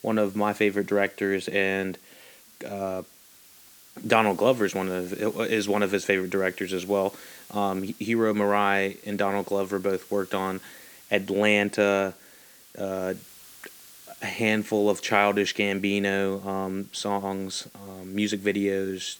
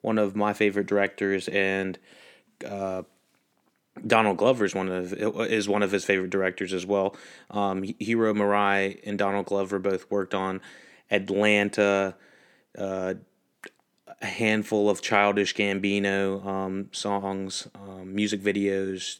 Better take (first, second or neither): second